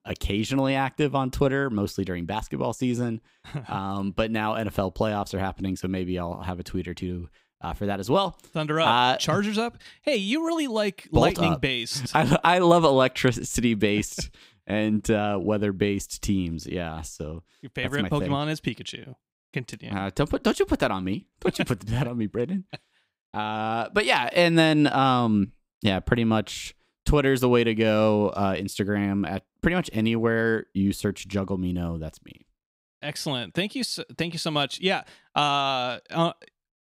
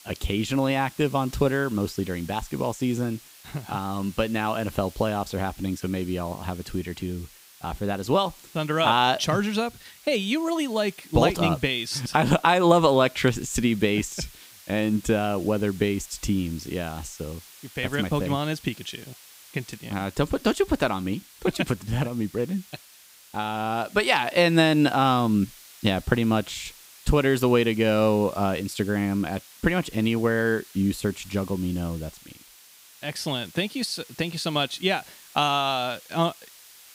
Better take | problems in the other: first | hiss; faint; throughout; 20 dB below the speech

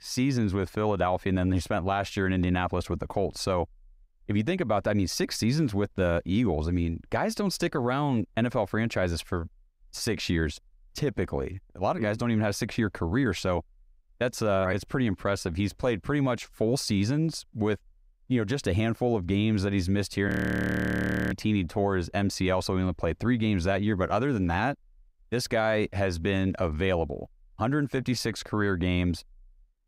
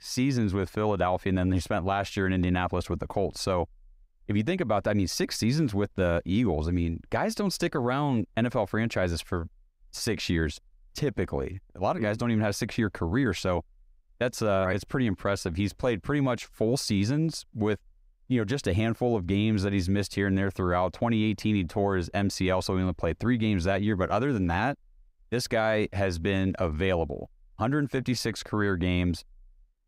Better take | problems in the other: second | audio freezing; at 20 s for 1 s

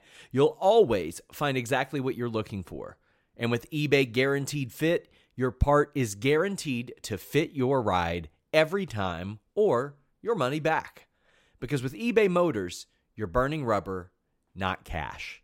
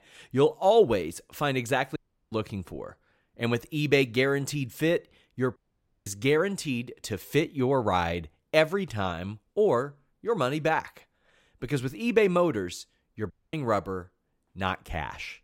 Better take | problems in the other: first | audio cutting out; at 2 s, at 5.5 s for 0.5 s and at 13 s

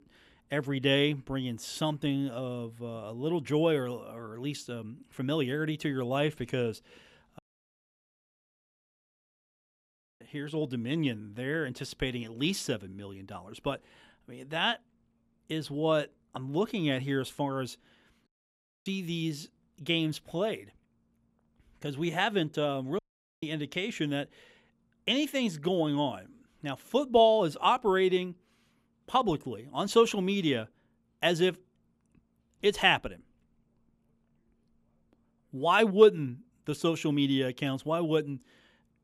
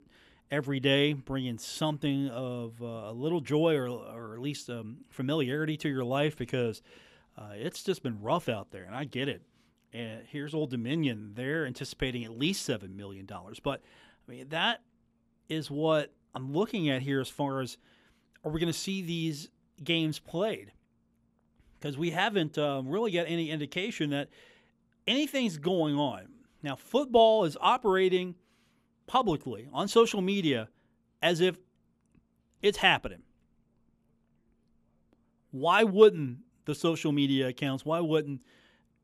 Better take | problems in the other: second | audio cutting out; at 7.5 s for 3 s, at 18 s for 0.5 s and at 23 s

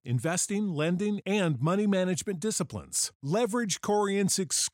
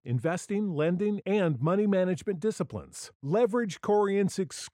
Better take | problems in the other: first | muffled; slightly; fading above 3.5 kHz

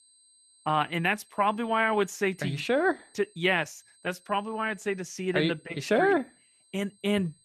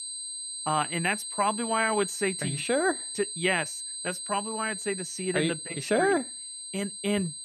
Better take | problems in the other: first | high-pitched whine; loud; throughout; 8.5 kHz, 5 dB below the speech; faint in the first

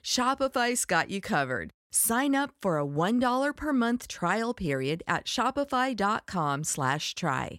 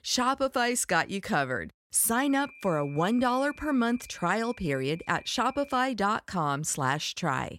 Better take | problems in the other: first | high-pitched whine; faint; from 2 to 6 s; 2.5 kHz, 20 dB below the speech

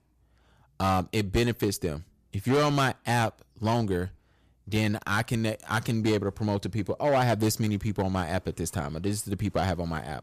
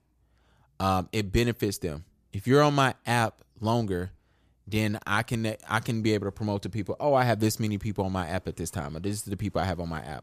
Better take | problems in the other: second | distortion; slight; 6% of the sound clipped

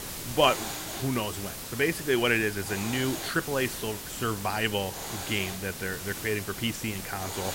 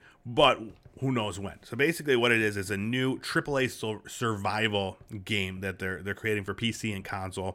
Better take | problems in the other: second | hiss; loud; throughout; 6 dB below the speech

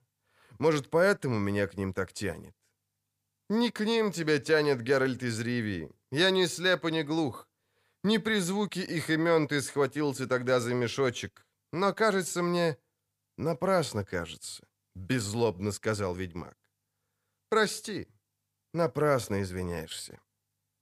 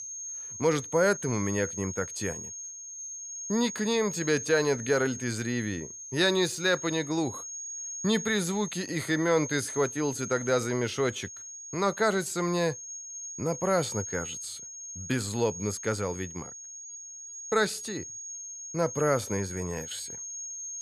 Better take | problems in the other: first | high-pitched whine; loud; throughout; 6.5 kHz, 8 dB below the speech

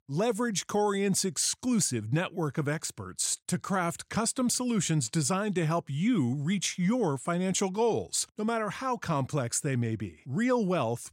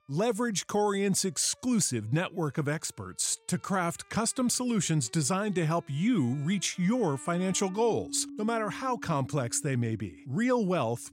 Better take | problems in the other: first | background music; faint; throughout; 20 dB below the speech

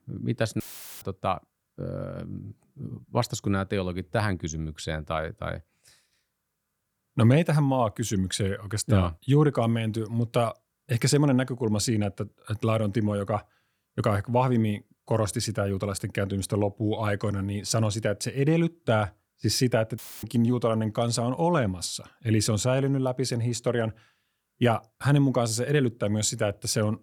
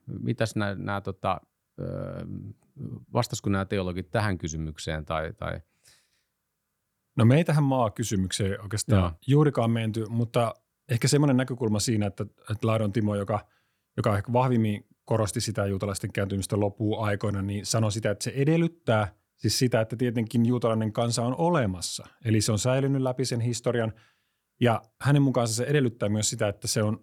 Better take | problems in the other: second | audio cutting out; filled with static; at 0.5 s and at 20 s

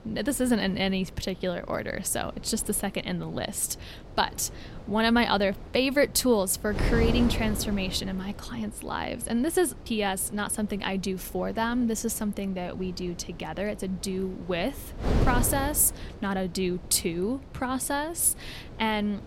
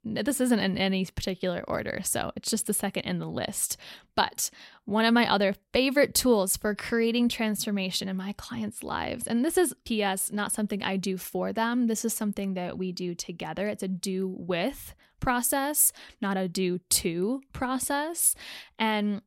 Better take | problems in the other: second | wind noise on the microphone; occasional gusts; 15 dB below the speech

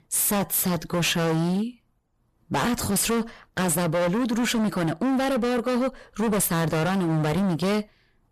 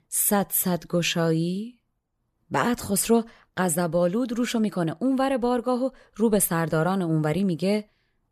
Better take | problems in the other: second | distortion; heavy; 32% of the sound clipped

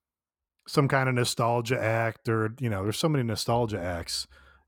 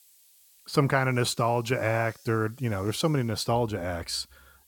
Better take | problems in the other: first | hiss; faint; throughout; 25 dB below the speech

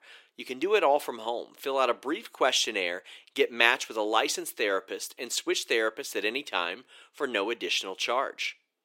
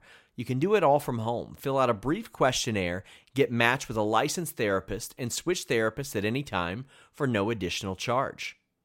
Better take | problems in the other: second | thin; somewhat; fading below 350 Hz

